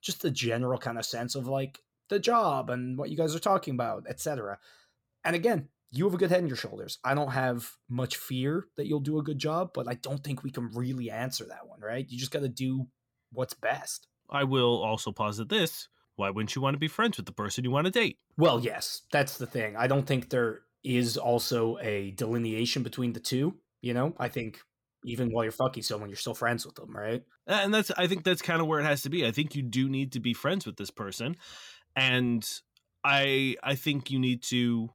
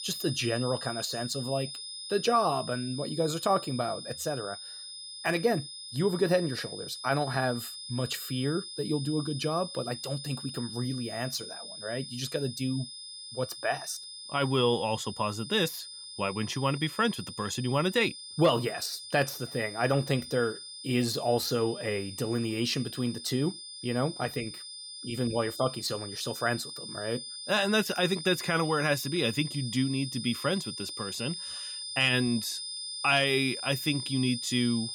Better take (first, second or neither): first